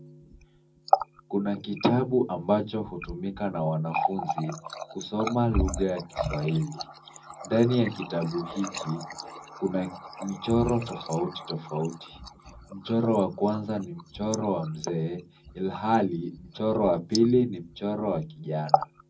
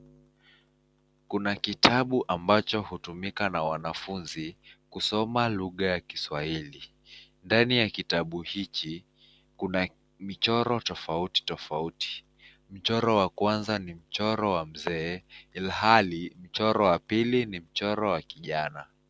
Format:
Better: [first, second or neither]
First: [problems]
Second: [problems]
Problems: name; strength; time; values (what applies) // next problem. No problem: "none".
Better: second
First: background sound (Water tap, faucet); 7 dB below the speech // room echo; dies away in 0.4 s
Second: none